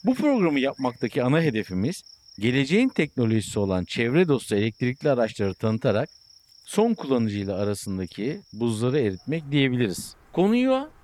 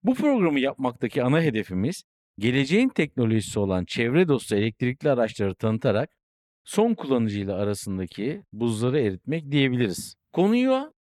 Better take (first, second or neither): second